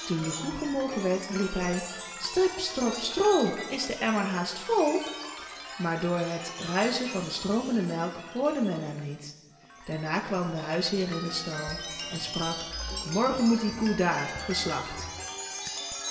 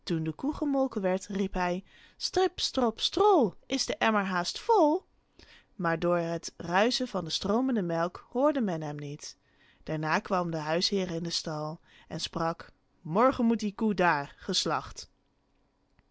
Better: second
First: background sound (Chime); 9 dB below the speech // room echo; dies away in 1.3 s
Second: none

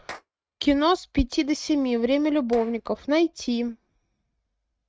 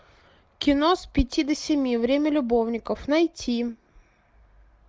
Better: second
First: noise reduction (neural mask model RNNoise)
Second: none

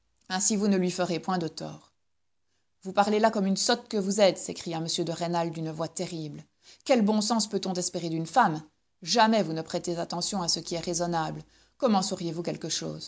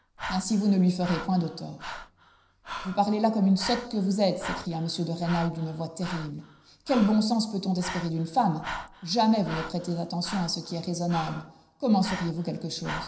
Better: first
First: none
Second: background sound (Breathing); 13 dB below the speech // room echo; dies away in 0.9 s

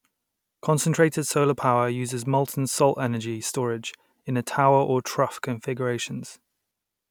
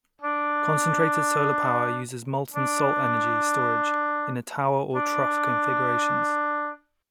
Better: first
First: none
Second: background sound (Wind instrument, woodwind instrument); 4 dB above the speech

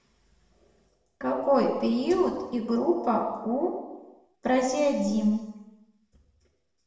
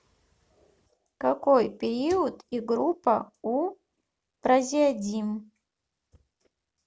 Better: second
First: room echo; dies away in 1 s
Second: none

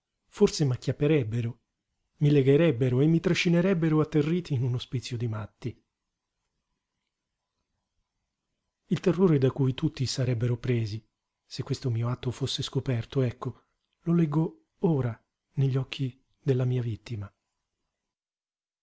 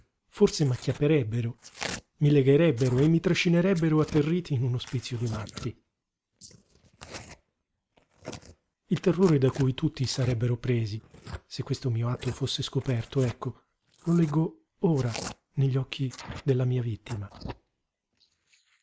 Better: first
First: none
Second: noise reduction (neural mask model Resemble Enhance denoiser)

